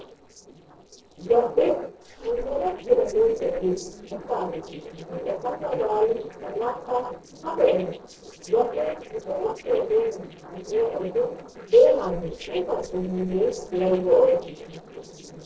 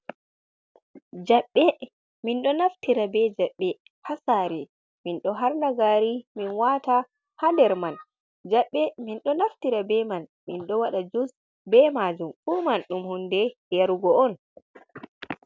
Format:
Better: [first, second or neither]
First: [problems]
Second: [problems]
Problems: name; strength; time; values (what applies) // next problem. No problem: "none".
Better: second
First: noise reduction (neural separator model SepFormer DNS4)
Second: none